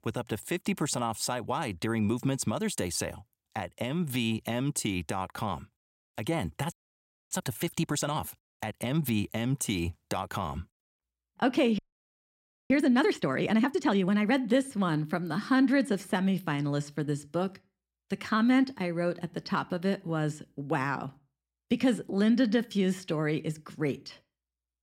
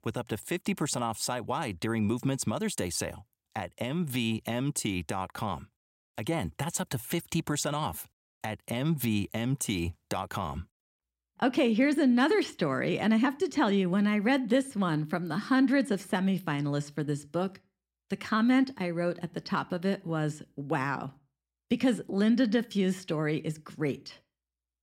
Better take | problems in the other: second | audio freezing; at 6.5 s for 0.5 s and at 12 s for 1 s

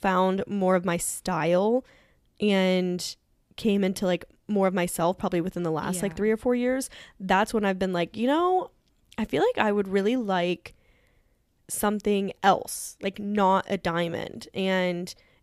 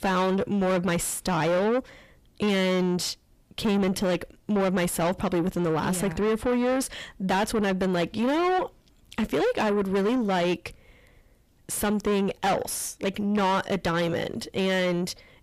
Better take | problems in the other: first | distortion; heavy; 7 dB below the speech

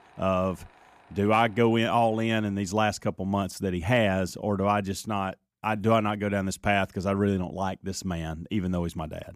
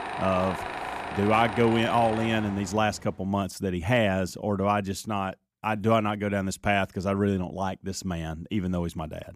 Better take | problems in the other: first | machinery noise; loud; until 3 s; 7 dB below the speech; faint in the first

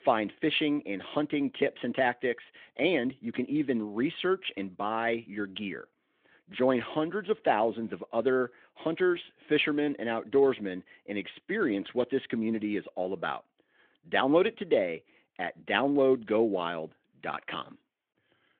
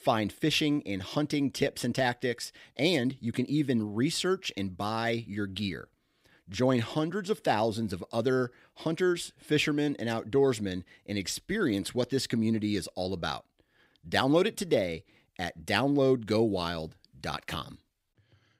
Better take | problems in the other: second | phone-call audio

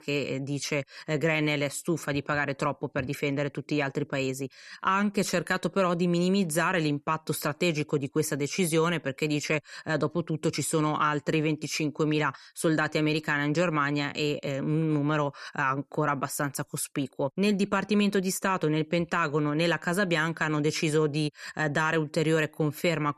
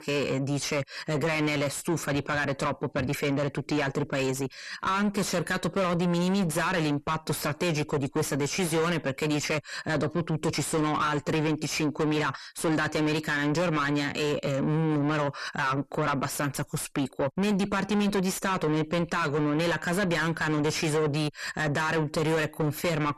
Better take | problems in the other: first | distortion; heavy; 7 dB below the speech

